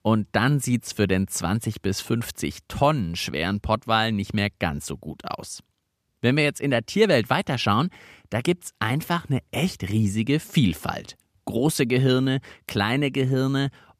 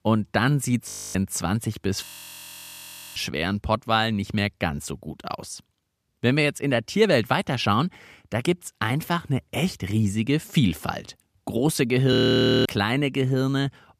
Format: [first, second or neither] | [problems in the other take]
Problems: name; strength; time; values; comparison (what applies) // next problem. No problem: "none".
first | audio freezing; at 1 s, at 2 s for 1 s and at 12 s for 0.5 s